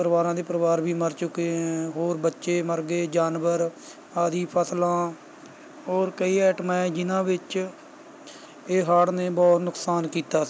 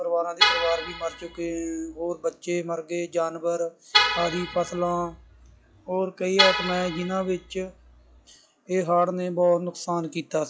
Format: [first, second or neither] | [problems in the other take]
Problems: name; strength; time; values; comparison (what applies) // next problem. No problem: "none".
first | noise reduction (classical method log-MMSE)